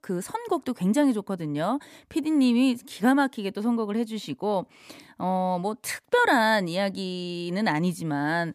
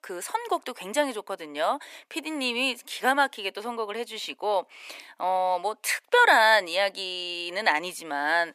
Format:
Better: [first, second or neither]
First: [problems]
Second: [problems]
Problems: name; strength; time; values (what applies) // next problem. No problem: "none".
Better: first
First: none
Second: thin; very; fading below 500 Hz